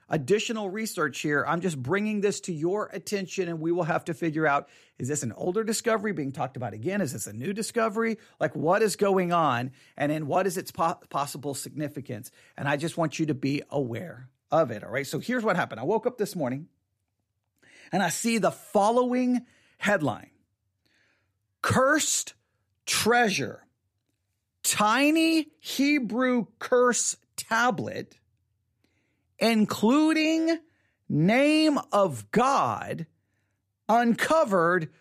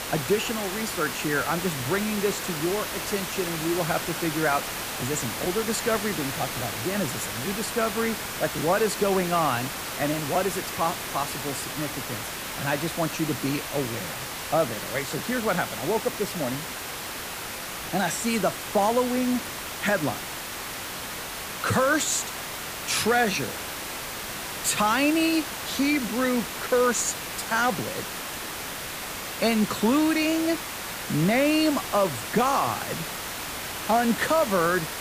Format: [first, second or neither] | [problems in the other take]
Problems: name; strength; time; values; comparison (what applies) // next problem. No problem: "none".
first | hiss; loud; throughout; 5 dB below the speech